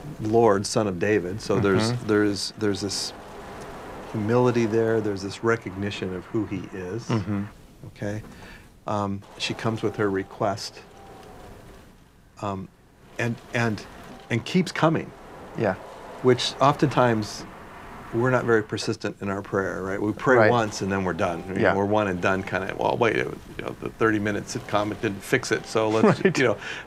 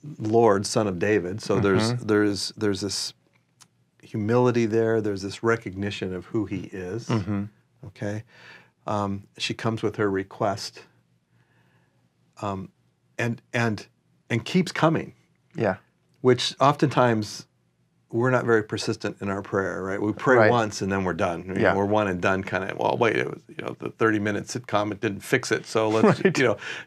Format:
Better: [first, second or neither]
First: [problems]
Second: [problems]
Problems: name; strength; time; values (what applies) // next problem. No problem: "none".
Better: second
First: wind noise on the microphone; occasional gusts; 20 dB below the speech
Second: none